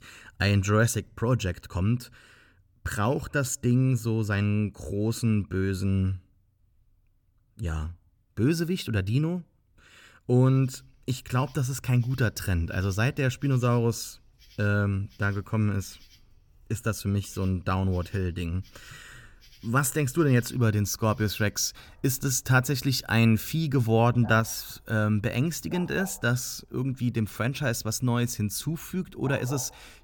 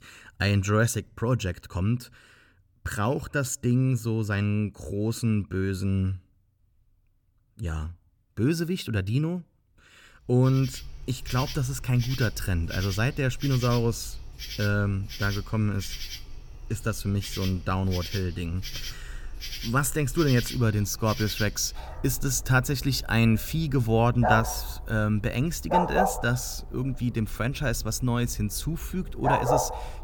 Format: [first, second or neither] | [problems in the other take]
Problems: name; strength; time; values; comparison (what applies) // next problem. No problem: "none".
first | animal sounds; loud; from 11 s on; 7 dB below the speech; faint in the first